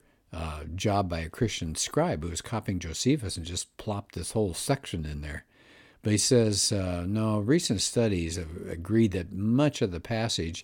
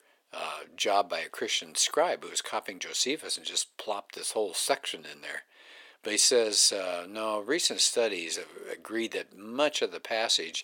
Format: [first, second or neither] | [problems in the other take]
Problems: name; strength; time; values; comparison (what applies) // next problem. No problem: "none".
first | thin; very; fading below 500 Hz